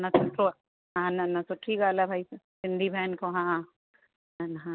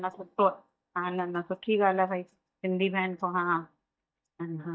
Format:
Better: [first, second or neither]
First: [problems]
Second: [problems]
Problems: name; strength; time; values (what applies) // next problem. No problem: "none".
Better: first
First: none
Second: noise reduction (neural mask model DeepFilterNet 3)